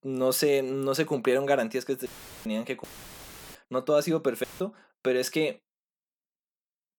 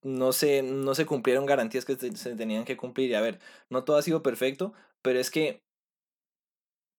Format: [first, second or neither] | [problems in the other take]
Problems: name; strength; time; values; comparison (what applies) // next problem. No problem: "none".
second | audio cutting out; filled with static; at 2 s, at 3 s for 0.5 s and at 4.5 s